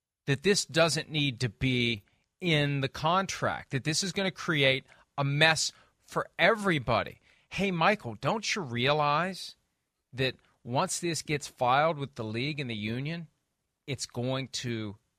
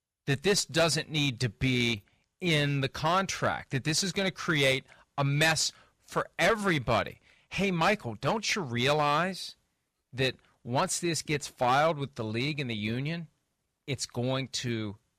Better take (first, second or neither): first